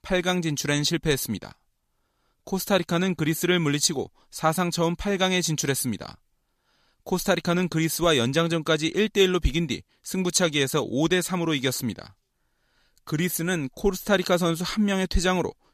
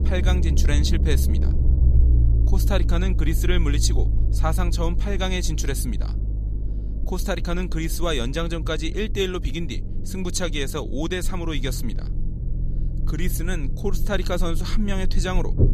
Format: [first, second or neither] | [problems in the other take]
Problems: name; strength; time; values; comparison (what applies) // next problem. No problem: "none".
first | low rumble; noticeable; throughout; 10 dB below the speech